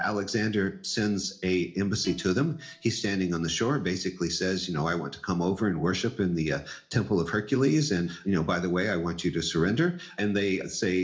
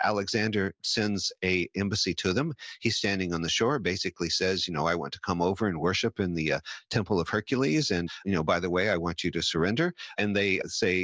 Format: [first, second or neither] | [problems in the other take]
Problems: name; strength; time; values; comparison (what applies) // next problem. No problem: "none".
second | noise reduction (neural separator model SepFormer DNS4)